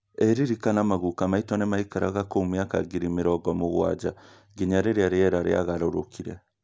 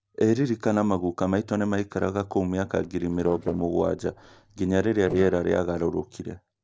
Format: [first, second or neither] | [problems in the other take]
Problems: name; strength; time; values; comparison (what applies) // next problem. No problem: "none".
first | noise reduction (neural separator model SepFormer DNS4)